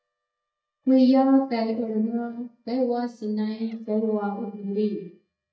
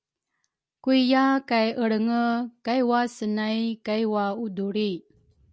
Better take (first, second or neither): second